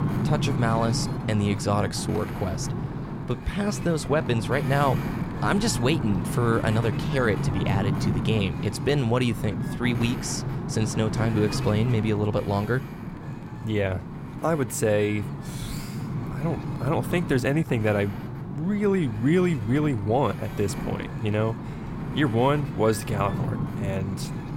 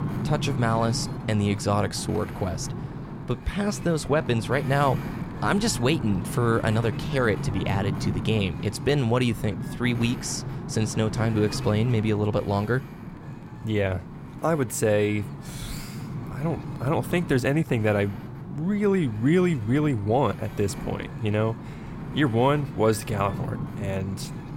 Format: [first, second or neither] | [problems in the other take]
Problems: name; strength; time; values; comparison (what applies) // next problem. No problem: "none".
second | wind noise on the microphone; heavy; 9 dB below the speech; occasional gusts in the second